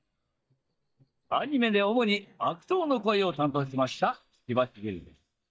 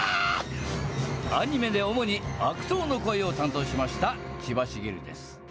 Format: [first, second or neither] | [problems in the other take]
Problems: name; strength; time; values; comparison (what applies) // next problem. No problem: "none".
second | noise reduction (neural mask model DeepFilterNet 3)